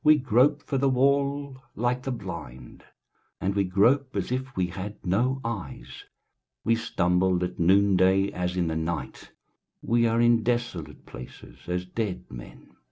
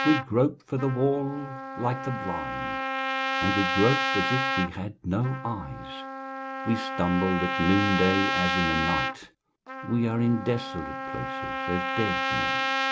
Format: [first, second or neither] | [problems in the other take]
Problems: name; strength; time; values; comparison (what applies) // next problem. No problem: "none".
first | background sound (Trumpet); 1 dB below the speech